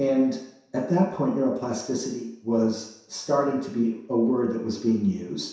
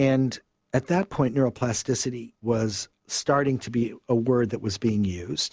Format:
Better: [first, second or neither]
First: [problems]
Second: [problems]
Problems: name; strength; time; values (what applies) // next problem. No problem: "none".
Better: second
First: room echo; dies away in 0.7 s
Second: none